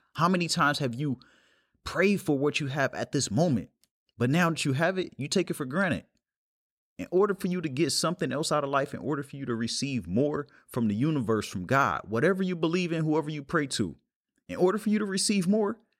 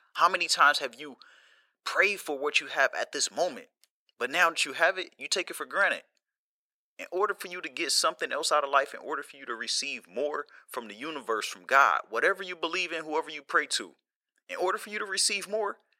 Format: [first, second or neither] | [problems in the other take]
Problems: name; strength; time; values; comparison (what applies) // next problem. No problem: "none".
first | thin; very; fading below 550 Hz